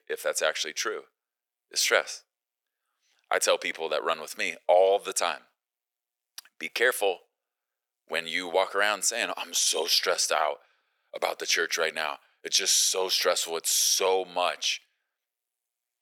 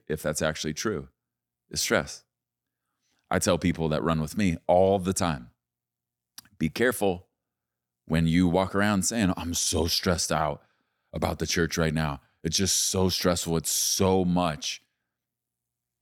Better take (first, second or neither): second